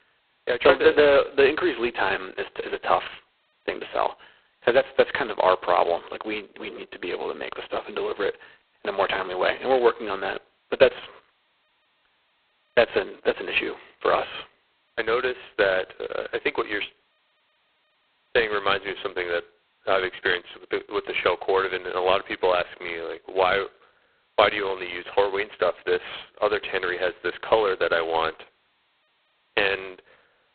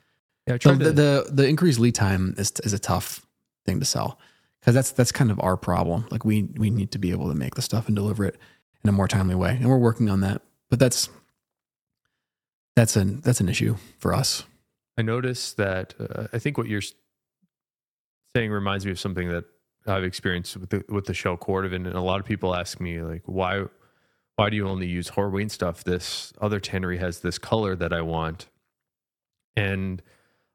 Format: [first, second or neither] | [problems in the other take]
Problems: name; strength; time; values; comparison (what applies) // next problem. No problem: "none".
second | phone-call audio; poor line; nothing above 4 kHz